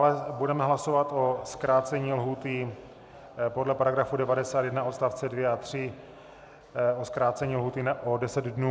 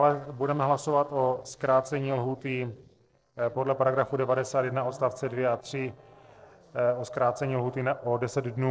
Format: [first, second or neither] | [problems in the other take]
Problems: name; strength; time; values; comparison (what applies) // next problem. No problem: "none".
first | noise reduction (neural separator model SepFormer DNS4)